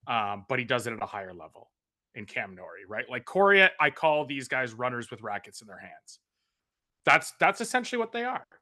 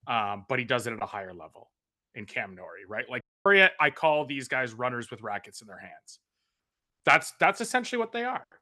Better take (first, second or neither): first